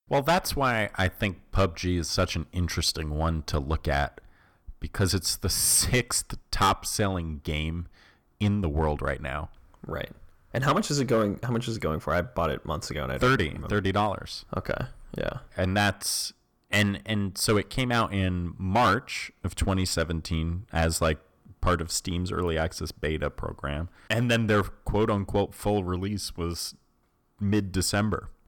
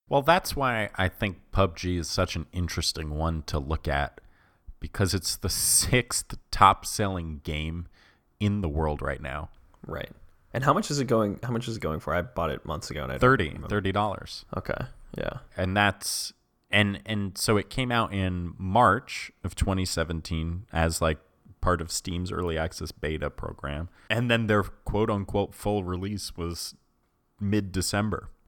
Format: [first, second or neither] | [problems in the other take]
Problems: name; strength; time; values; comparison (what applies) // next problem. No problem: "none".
second | distortion; slight; 3% of the sound clipped